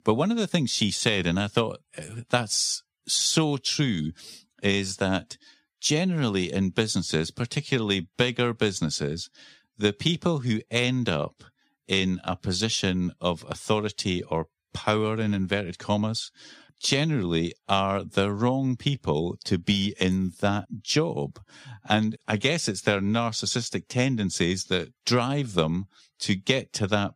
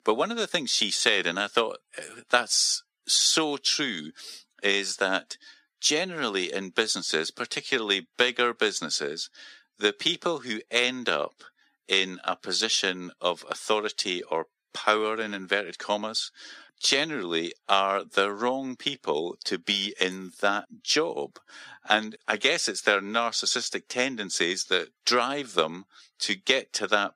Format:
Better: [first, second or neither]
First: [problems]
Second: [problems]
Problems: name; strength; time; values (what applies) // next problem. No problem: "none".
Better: first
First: none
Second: thin; somewhat; fading below 350 Hz